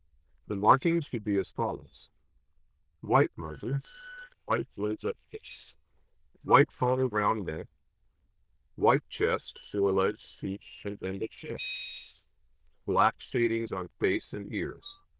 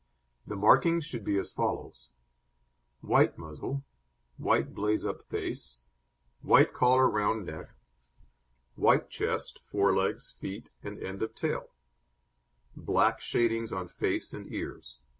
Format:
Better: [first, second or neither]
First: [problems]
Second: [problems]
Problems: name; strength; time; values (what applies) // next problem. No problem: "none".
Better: second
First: noise reduction (neural diffusion model UNIVERSE++)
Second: none